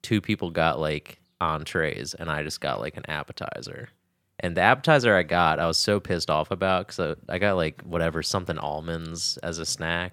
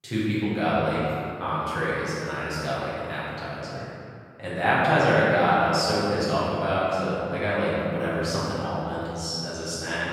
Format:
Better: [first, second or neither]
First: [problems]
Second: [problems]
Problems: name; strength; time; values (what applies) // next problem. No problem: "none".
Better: first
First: none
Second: room echo; strong; dies away in 2.4 s // off-mic speech; far